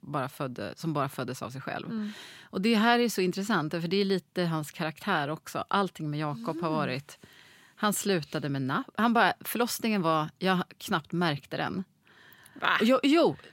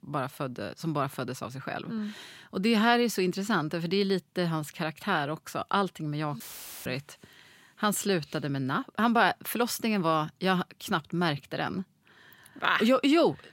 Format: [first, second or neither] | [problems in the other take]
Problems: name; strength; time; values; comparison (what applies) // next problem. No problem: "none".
first | audio cutting out; filled with static; at 6.5 s